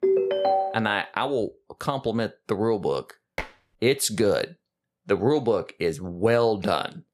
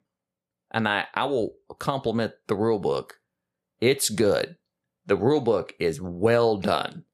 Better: second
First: phone ringing; loud; at the start; peak 3 dB above the speech // clattering dishes; faint; at 3.5 s; peak 10 dB below the speech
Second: none

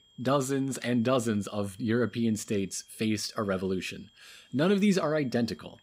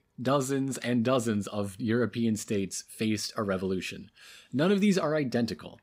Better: second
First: high-pitched whine; faint; throughout; 3 kHz, 30 dB below the speech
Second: none

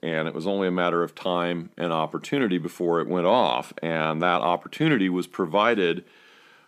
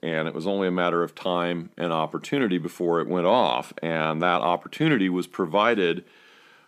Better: neither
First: none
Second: none

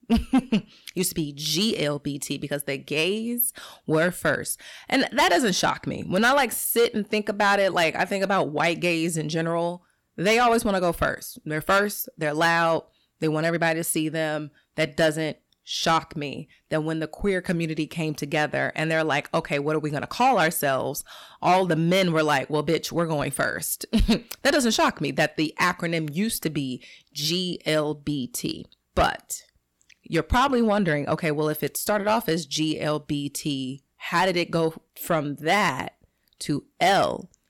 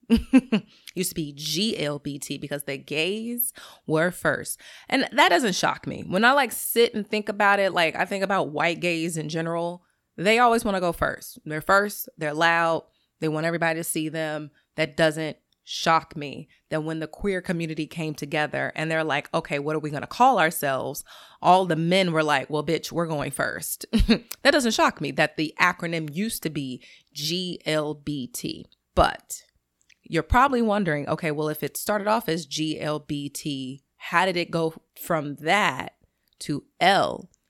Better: second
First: distortion; slight; 10 dB below the speech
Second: none

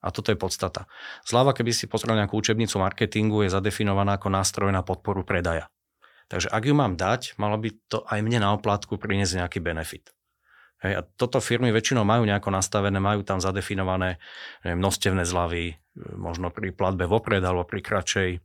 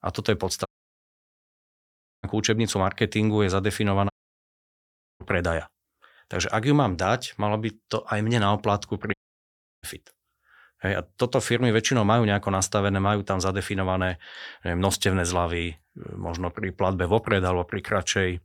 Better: first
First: none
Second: audio cutting out; at 0.5 s for 1.5 s, at 4 s for 1 s and at 9 s for 0.5 s

